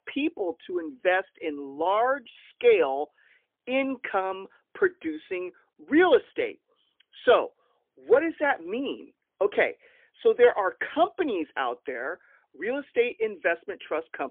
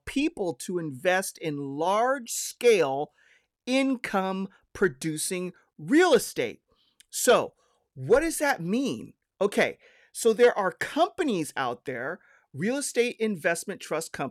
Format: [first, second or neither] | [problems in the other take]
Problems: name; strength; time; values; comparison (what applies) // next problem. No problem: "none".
second | phone-call audio; poor line; nothing above 3.5 kHz